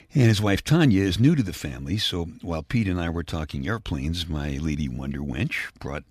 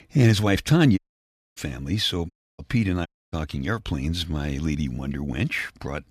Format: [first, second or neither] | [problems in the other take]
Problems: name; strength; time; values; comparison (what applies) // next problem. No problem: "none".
first | audio cutting out; at 1 s for 0.5 s, at 2.5 s and at 3 s